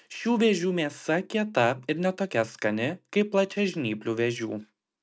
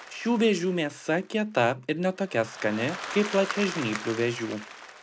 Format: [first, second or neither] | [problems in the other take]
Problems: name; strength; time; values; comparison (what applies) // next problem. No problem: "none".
first | background sound (Applause); 12 dB below the speech